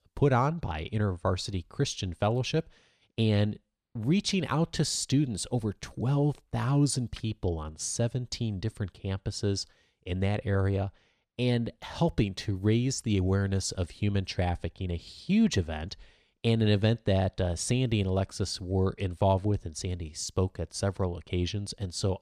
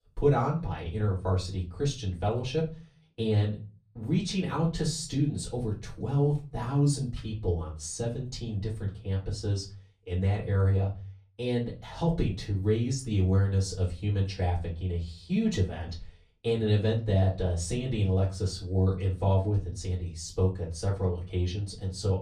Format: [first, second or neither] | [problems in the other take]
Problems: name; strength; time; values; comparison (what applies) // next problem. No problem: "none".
first | off-mic speech; far // room echo; very slight; dies away in 0.3 s